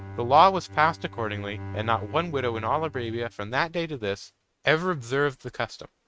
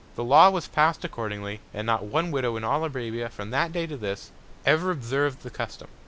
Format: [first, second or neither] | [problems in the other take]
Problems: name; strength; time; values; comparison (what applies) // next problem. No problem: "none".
second | noise reduction (neural mask model RNNoise)